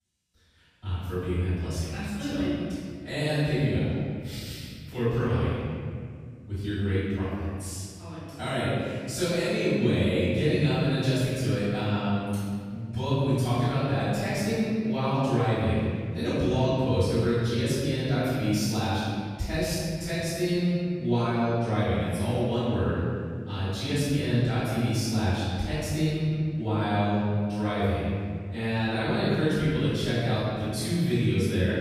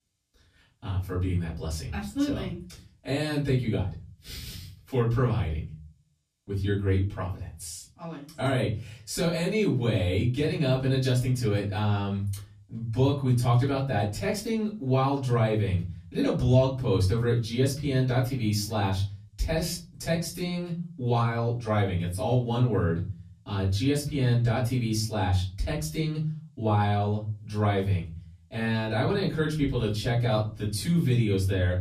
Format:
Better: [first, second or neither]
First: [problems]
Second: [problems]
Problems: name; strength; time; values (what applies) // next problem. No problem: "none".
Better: second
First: room echo; strong; dies away in 2 s // off-mic speech; far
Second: room echo; slight; dies away in 0.4 s // off-mic speech; far